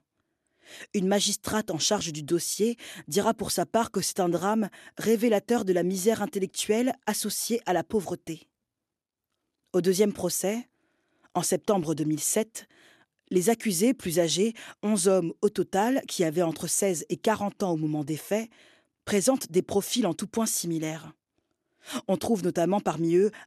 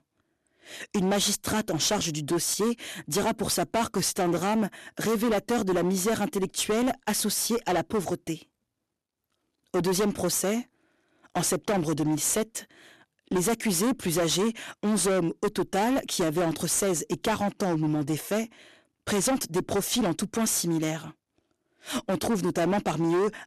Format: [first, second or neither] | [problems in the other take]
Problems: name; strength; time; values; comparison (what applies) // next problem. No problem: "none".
first | distortion; heavy; 18% of the sound clipped